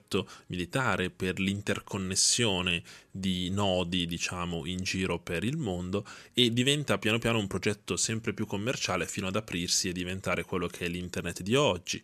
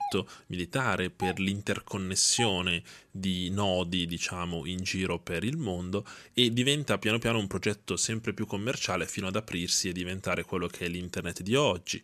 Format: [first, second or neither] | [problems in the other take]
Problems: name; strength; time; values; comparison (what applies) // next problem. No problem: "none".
first | doorbell; noticeable; until 2.5 s; peak 8 dB below the speech